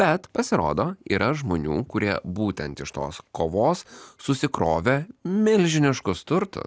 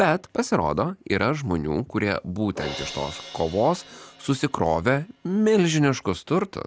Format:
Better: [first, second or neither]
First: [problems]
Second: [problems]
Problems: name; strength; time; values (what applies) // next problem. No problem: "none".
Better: first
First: none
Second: background sound (Crash cymbal); 19 dB below the speech